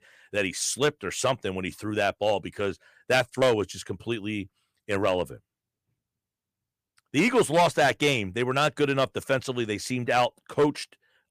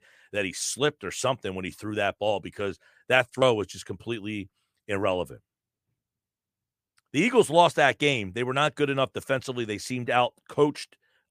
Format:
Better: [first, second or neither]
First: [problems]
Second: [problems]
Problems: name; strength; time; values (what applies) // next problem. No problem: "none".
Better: second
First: distortion; slight; 3% of the sound clipped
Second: none